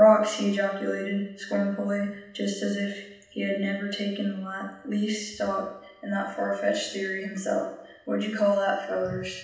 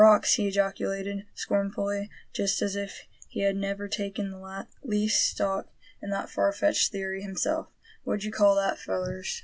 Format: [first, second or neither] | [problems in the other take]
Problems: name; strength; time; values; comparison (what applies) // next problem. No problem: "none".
second | room echo; dies away in 0.9 s